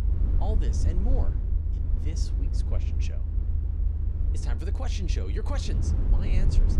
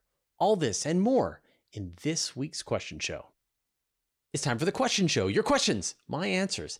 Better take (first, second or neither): second